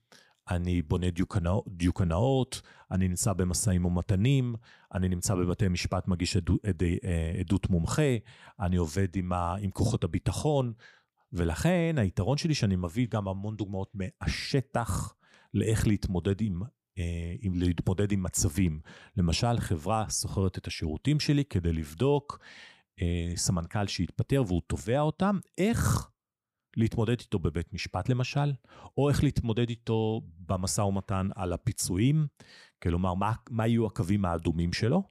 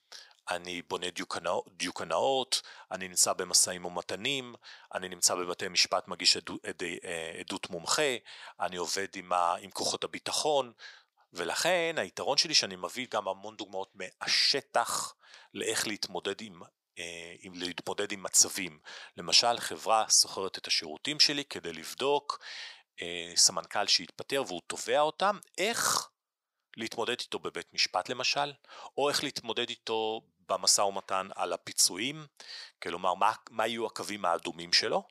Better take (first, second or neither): first